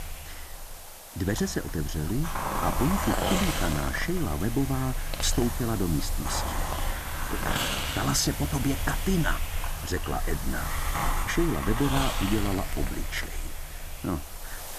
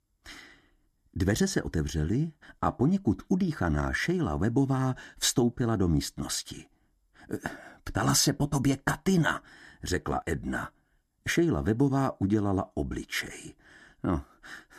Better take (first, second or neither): second